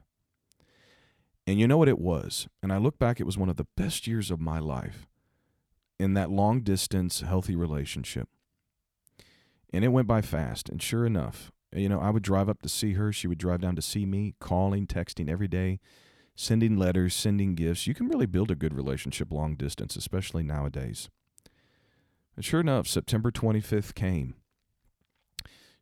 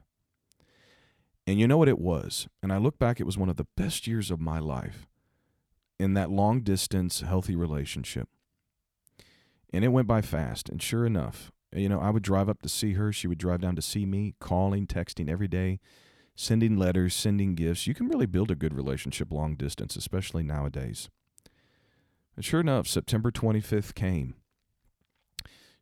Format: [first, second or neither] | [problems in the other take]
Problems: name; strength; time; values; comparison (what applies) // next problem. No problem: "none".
neither | none